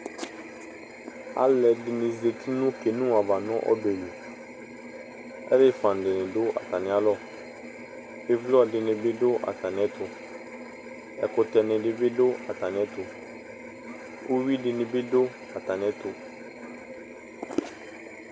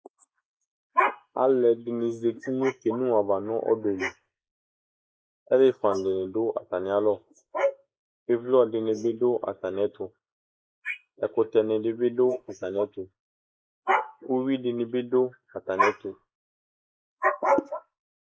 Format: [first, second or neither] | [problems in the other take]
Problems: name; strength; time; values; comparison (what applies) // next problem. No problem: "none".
first | noise reduction (neural mask model Resemble Enhance denoiser)